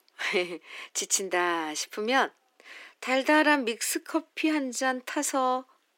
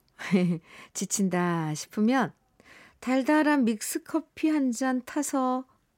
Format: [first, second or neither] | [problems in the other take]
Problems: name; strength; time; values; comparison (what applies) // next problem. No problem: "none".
second | thin; somewhat; fading below 300 Hz